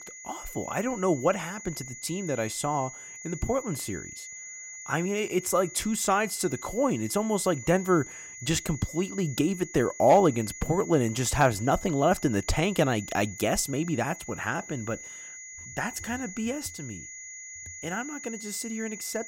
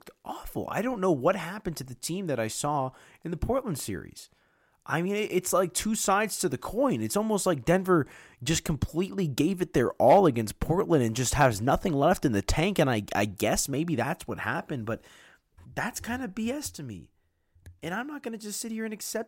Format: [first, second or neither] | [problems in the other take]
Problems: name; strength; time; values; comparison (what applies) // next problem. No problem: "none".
second | high-pitched whine; noticeable; throughout; 7 kHz, 10 dB below the speech